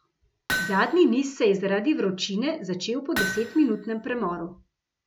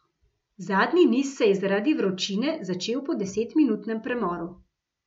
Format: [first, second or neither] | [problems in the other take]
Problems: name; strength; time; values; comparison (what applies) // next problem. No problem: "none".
second | background sound (Hammer); 8 dB below the speech